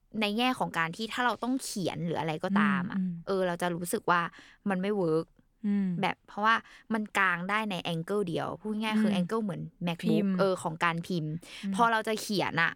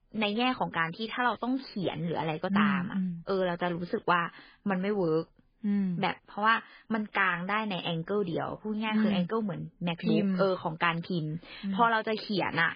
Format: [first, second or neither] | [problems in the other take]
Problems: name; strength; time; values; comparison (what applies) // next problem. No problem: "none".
first | garbled, watery; badly; nothing above 4.5 kHz